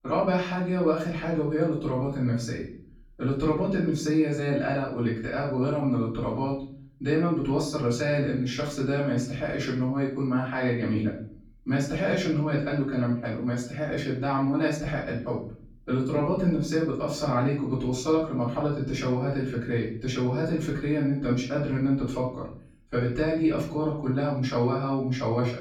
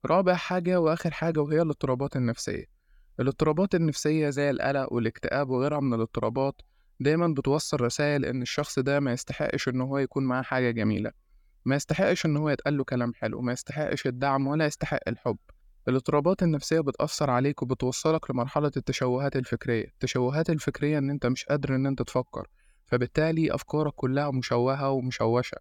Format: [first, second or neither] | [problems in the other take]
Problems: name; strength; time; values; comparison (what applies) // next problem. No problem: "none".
second | off-mic speech; far // room echo; noticeable; dies away in 0.5 s